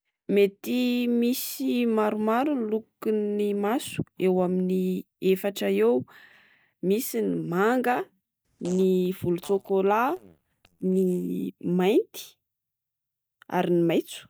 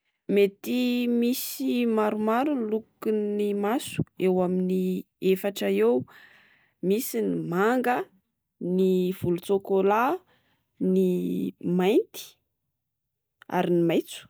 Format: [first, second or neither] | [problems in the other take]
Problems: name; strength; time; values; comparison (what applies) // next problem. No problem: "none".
second | noise reduction (neural mask model DeepFilterNet 3)